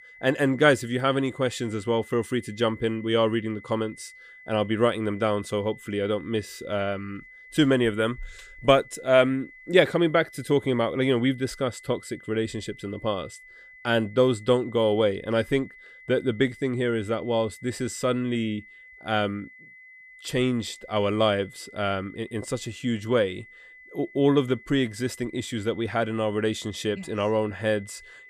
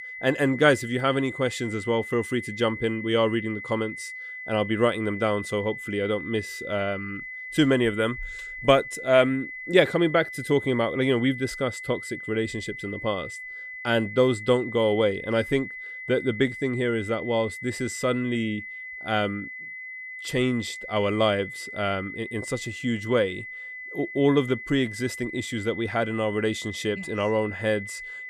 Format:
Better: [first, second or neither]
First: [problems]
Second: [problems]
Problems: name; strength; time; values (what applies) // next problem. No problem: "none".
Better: first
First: high-pitched whine; faint; throughout; 2 kHz, 20 dB below the speech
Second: high-pitched whine; loud; throughout; 2 kHz, 10 dB below the speech